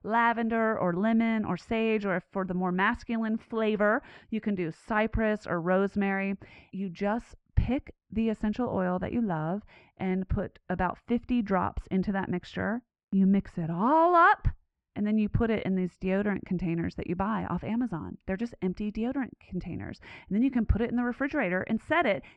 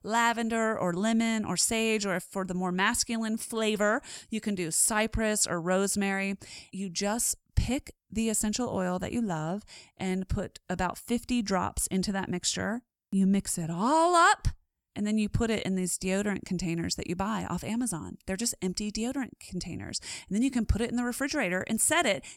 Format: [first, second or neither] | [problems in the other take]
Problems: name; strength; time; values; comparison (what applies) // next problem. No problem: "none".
second | muffled; very; fading above 2 kHz